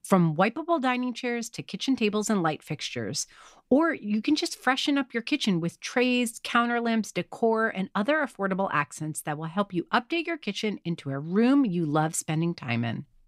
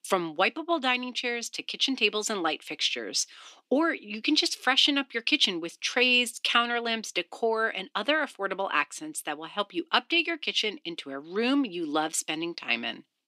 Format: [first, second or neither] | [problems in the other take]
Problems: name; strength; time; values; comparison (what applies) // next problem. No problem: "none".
first | thin; very slightly; fading below 300 Hz